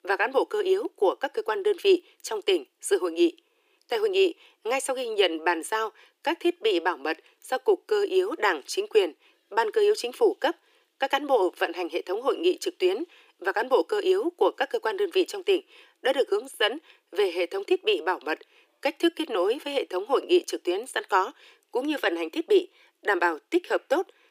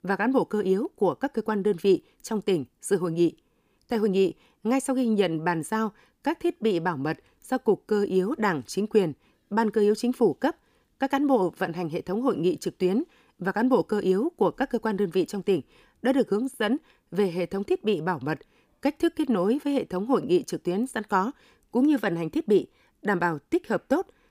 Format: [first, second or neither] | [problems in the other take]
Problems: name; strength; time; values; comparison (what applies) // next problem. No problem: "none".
second | thin; very; fading below 350 Hz